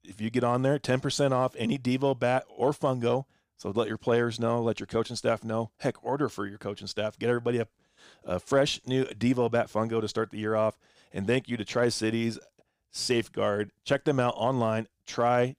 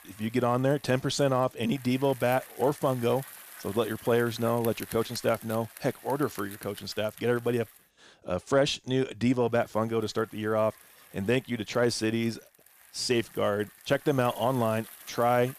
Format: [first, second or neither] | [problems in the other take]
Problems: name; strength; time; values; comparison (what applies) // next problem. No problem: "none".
first | traffic noise; noticeable; throughout; 20 dB below the speech